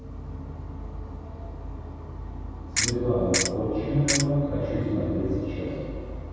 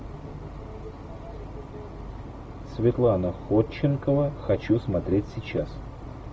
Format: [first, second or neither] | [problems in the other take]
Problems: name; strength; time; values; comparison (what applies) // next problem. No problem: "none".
second | background sound (Ratchet, pawl); as loud as the speech // room echo; dies away in 2.1 s